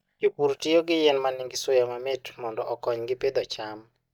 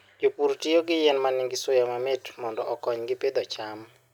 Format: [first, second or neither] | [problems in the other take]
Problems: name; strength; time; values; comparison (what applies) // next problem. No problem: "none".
second | noise reduction (neural mask model DeepFilterNet 3)